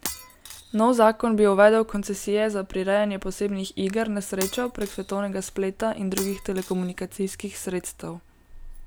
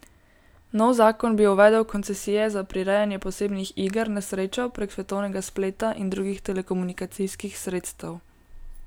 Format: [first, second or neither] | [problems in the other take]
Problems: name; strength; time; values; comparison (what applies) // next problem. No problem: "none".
second | background sound (Shatter); 15 dB below the speech